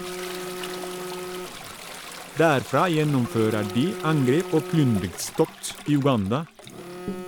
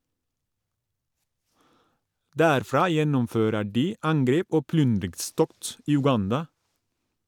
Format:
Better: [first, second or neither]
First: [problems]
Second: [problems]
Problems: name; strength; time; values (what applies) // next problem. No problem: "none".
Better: second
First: background sound (Telephone + Toilet flush); 10 dB below the speech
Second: none